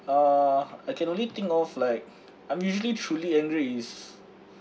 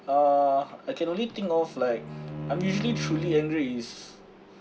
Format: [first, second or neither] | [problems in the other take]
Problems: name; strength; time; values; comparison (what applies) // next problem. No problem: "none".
first | background sound (Bowed string instrument); 9 dB below the speech